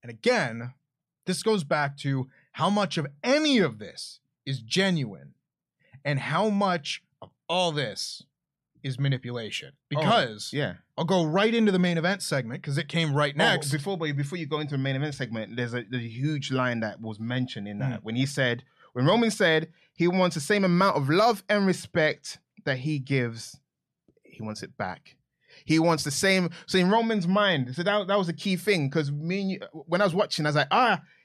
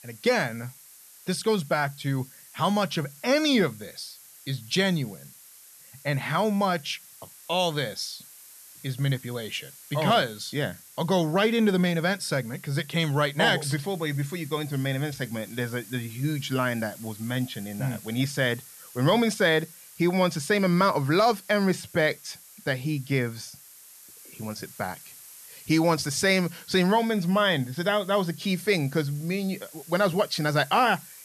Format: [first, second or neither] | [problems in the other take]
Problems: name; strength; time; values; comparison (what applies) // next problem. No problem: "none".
first | hiss; noticeable; throughout; 20 dB below the speech